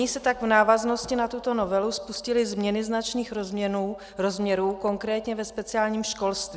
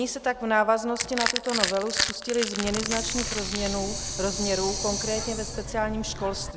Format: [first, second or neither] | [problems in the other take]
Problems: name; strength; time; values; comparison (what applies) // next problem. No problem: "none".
first | background sound (Hiss + Crushing); 2 dB below the speech